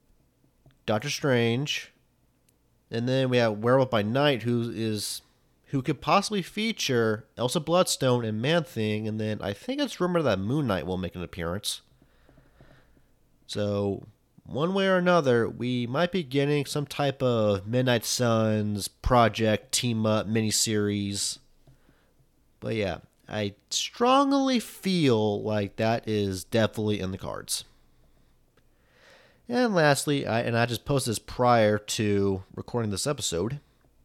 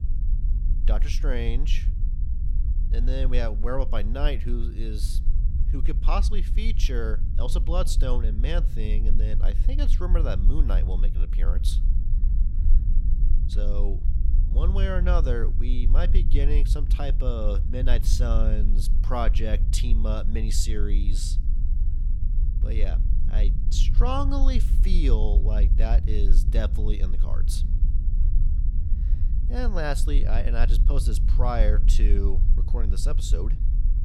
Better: first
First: none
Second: low rumble; noticeable; throughout; 10 dB below the speech

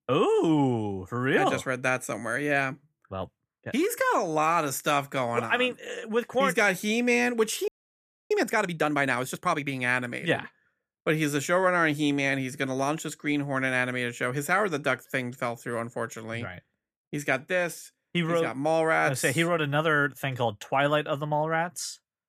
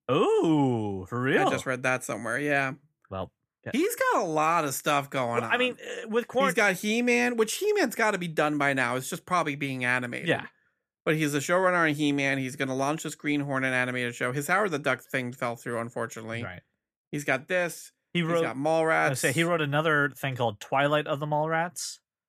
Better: second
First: audio freezing; at 7.5 s for 0.5 s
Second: none

